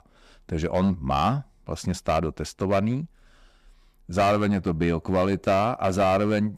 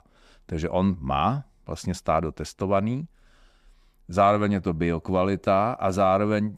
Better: second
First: distortion; slight; 6% of the sound clipped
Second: none

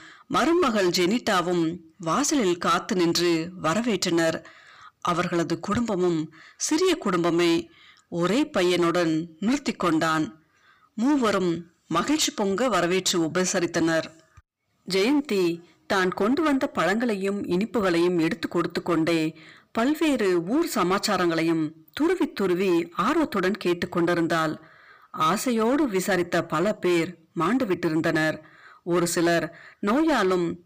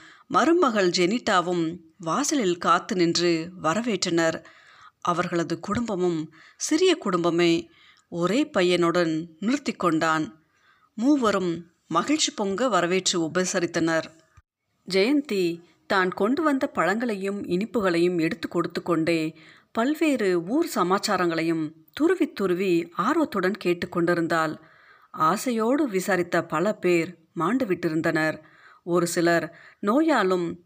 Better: second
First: distortion; slight; 13% of the sound clipped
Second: none

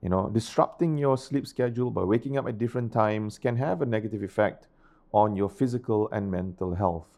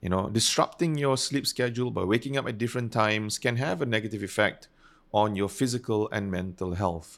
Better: second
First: muffled; very; fading above 1.5 kHz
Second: none

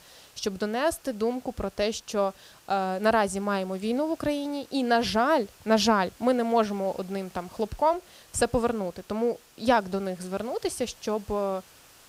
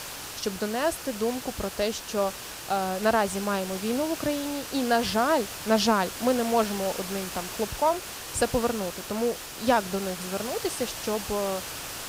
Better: first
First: hiss; faint; throughout; 25 dB below the speech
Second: hiss; loud; throughout; 8 dB below the speech

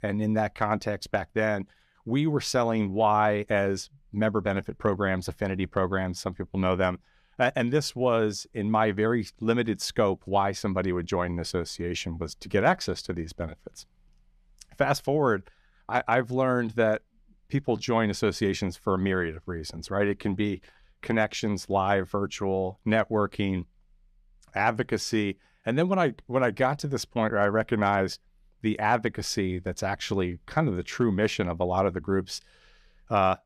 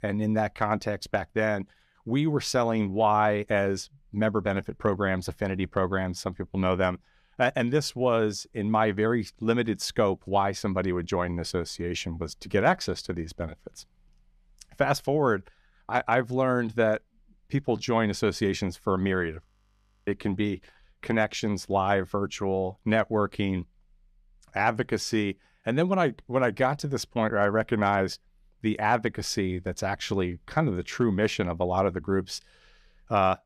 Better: first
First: none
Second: audio freezing; at 19 s for 0.5 s

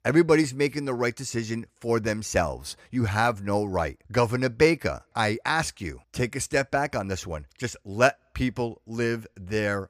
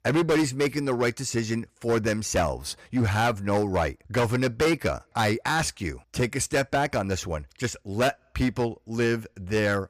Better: first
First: none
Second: distortion; heavy; 9% of the sound clipped

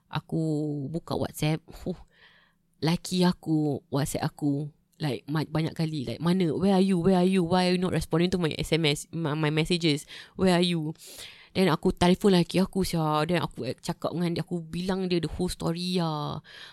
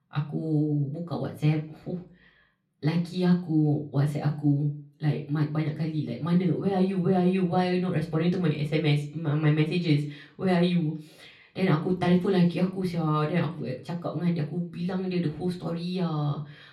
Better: first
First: none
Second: room echo; slight; dies away in 0.5 s // off-mic speech; far

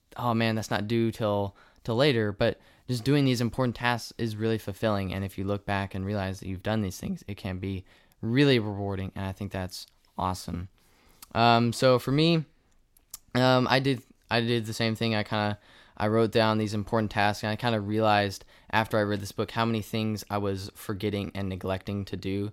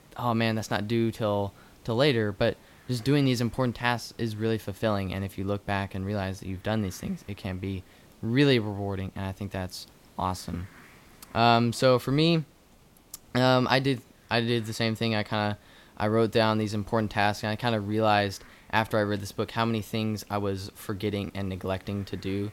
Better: first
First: none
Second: hiss; faint; throughout; 30 dB below the speech

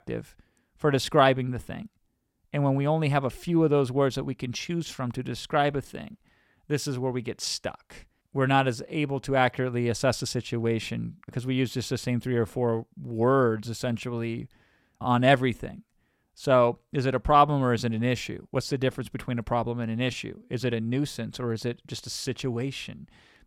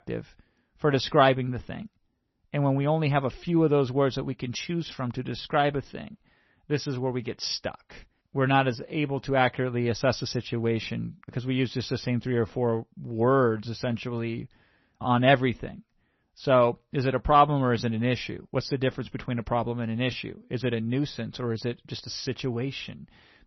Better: first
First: none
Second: garbled, watery; slightly; nothing above 6 kHz

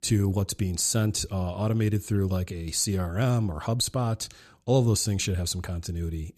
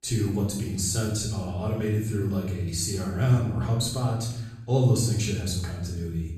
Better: first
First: none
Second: off-mic speech; far // room echo; noticeable; dies away in 0.8 s

